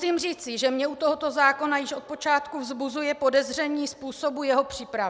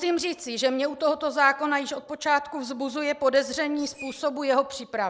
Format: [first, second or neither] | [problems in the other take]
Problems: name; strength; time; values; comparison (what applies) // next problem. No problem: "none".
first | noise reduction (neural mask model Resemble Enhance denoiser)